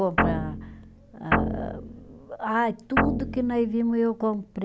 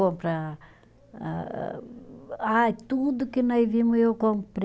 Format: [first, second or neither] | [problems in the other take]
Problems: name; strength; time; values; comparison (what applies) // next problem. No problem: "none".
second | background sound (Guitar); as loud as the speech